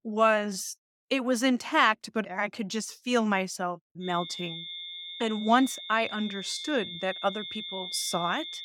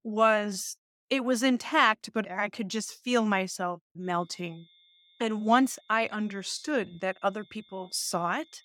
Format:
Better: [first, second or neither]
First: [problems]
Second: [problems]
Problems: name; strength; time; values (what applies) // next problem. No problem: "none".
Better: second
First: high-pitched whine; loud; from 4 s on; 3.5 kHz, 9 dB below the speech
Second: high-pitched whine; faint; from 4 s on; 3.5 kHz, 30 dB below the speech